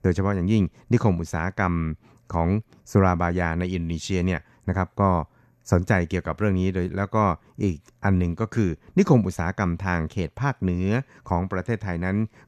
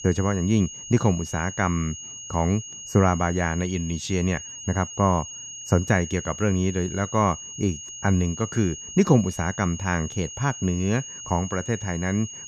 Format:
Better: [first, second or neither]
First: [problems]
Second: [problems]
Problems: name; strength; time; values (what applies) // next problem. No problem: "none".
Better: first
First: none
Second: high-pitched whine; noticeable; throughout; 6.5 kHz, 10 dB below the speech